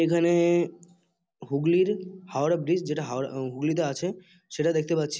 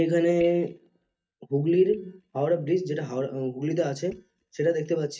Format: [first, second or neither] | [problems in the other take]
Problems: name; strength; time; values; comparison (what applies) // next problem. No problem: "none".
first | noise reduction (neural mask model DeepFilterNet 3)